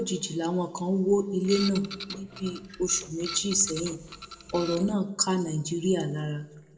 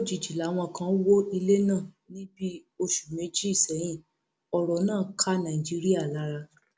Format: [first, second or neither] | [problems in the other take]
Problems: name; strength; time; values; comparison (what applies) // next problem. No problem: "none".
second | background sound (Printer); 12 dB below the speech // room echo; dies away in 0.8 s